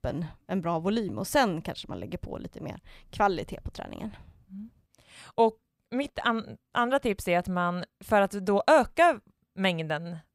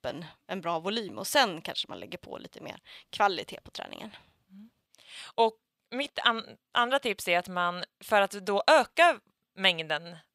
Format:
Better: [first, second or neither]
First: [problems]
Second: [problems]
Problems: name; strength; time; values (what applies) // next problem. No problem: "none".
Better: first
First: none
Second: thin; somewhat; fading below 650 Hz